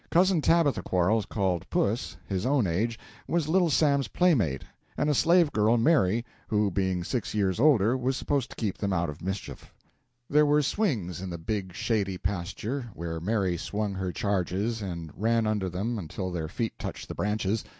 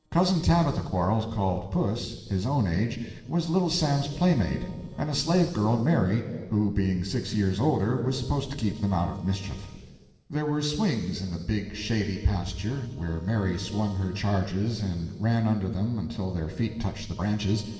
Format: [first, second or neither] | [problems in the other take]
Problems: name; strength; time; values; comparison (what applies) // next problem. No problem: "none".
first | noise reduction (neural separator model SepFormer DNS4)